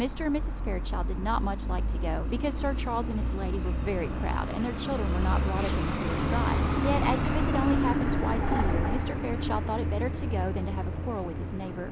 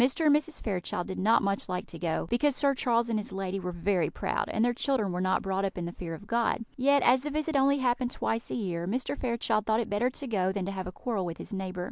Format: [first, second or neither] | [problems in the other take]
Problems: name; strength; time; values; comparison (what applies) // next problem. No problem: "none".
second | background sound (Truck); 5 dB above the speech